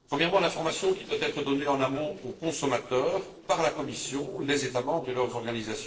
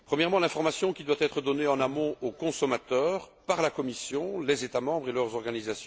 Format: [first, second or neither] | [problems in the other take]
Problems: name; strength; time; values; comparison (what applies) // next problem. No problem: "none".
second | noise reduction (neural separator model SepFormer DNS4)